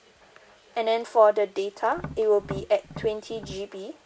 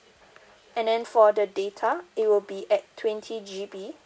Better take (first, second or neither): second